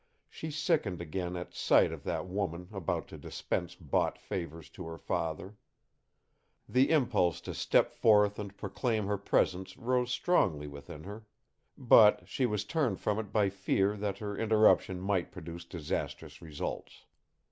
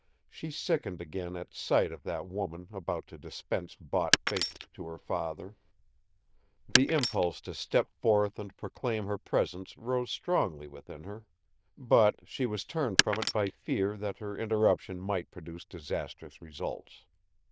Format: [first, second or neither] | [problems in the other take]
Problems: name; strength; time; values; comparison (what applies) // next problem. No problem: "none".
first | noise reduction (neural diffusion model UNIVERSE++)